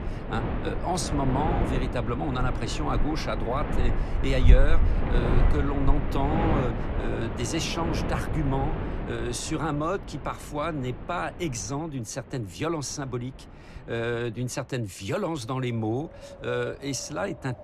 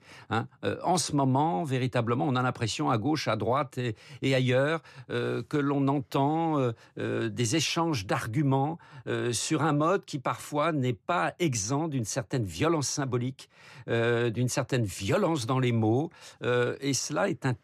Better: second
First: wind in the background; very loud; throughout; 1 dB above the speech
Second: none

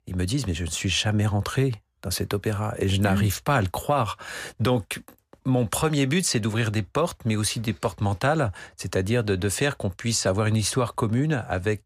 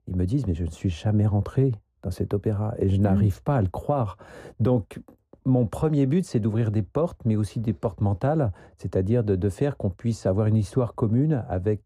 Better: first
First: none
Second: muffled; very; fading above 1 kHz

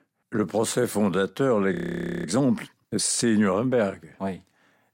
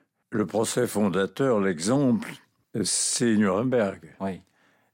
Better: second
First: audio freezing; at 1.5 s for 0.5 s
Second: none

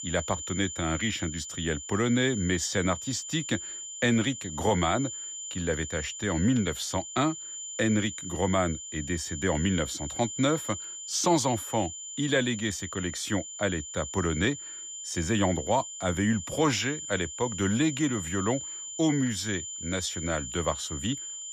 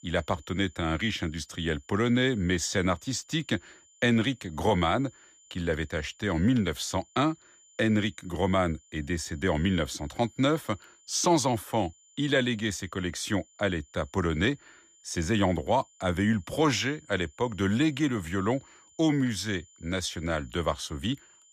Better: second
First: high-pitched whine; loud; throughout; 7 kHz, 7 dB below the speech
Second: high-pitched whine; faint; throughout; 7 kHz, 30 dB below the speech

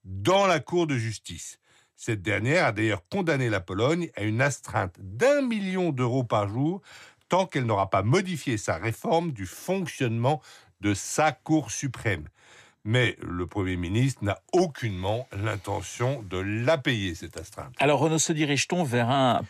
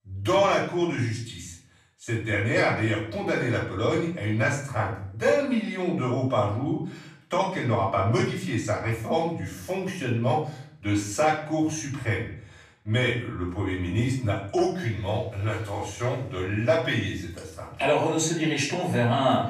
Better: first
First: none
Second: off-mic speech; far // room echo; noticeable; dies away in 0.5 s

